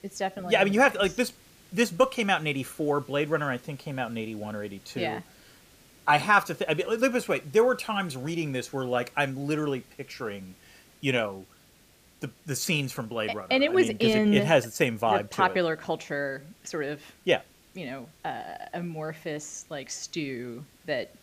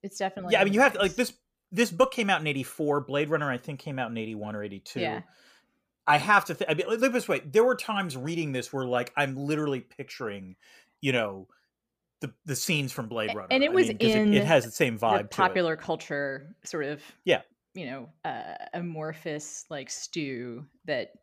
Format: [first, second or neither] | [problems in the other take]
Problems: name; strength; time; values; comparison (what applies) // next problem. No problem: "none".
second | hiss; faint; throughout; 30 dB below the speech